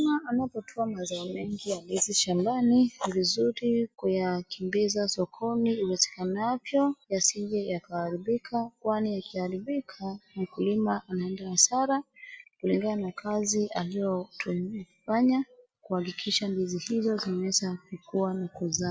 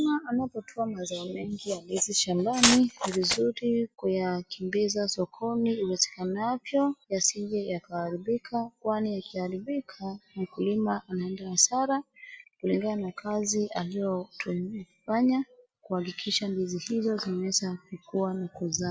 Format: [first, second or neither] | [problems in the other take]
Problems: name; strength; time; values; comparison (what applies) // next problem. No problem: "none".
first | background sound (Glass); 1 dB above the speech